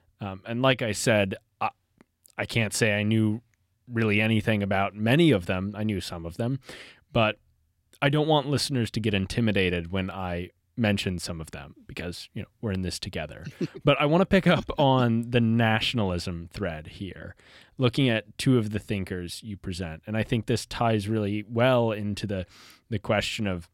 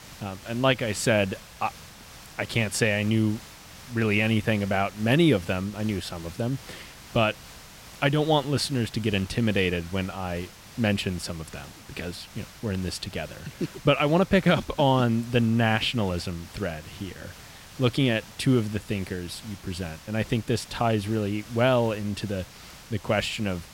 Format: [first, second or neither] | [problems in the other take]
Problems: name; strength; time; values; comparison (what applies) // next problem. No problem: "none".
first | hiss; noticeable; throughout; 20 dB below the speech